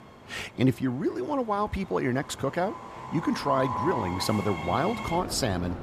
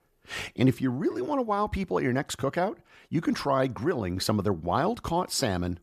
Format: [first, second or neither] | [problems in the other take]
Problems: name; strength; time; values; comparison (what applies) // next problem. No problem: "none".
second | train or aircraft noise; loud; throughout; 7 dB below the speech